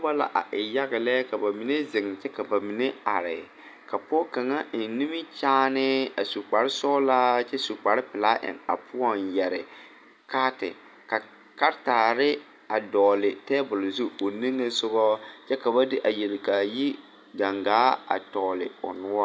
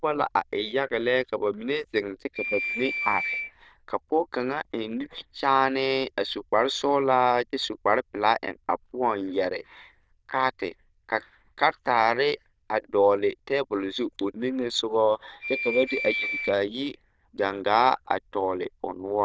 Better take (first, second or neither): first